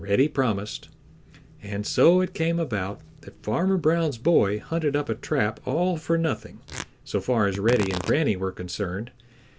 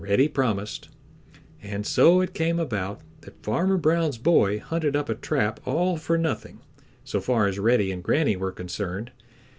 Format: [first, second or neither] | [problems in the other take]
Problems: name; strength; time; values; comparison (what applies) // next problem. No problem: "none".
second | background sound (Tearing); 18 dB below the speech